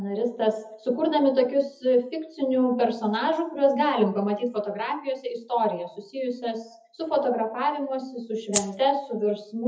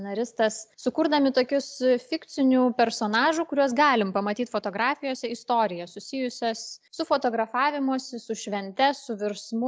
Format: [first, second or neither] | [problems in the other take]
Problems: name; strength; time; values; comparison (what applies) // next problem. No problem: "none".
second | noise reduction (classical method WPE with log-MMSE)